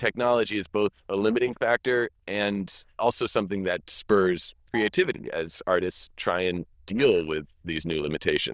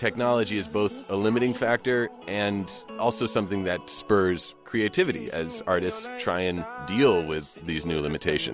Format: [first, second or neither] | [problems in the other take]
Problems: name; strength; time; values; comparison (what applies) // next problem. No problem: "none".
second | noise reduction (neural diffusion model UNIVERSE++)